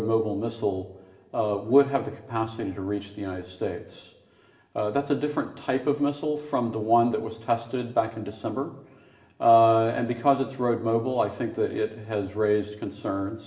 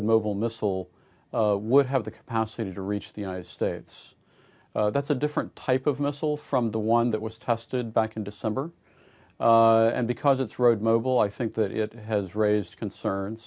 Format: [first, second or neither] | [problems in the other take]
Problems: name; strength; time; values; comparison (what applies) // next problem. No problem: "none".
second | room echo; dies away in 0.8 s